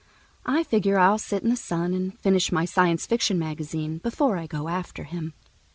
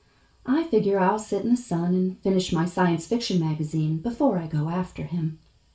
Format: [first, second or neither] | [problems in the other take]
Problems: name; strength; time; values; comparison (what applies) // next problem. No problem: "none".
first | room echo; dies away in 0.3 s